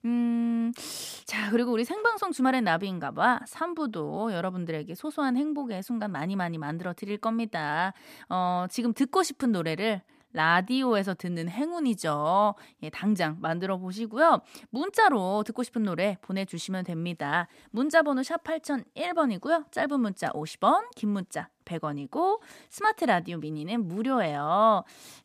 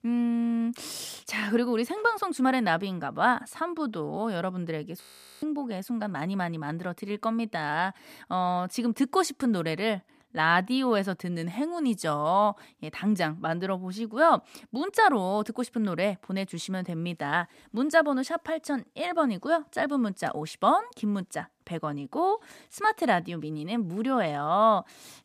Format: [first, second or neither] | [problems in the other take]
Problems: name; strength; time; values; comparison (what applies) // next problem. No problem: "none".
first | audio freezing; at 5 s